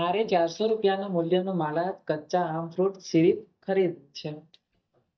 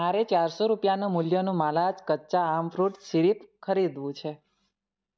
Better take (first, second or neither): second